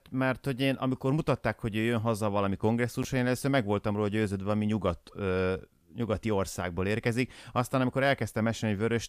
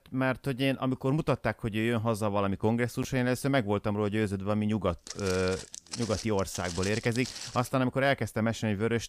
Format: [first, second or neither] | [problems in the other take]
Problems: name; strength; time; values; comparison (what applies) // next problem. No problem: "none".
first | footsteps; noticeable; from 5 to 7.5 s; peak 8 dB below the speech